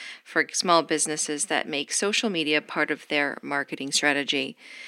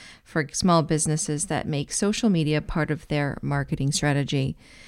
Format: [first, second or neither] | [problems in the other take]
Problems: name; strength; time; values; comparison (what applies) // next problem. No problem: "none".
second | thin; somewhat; fading below 250 Hz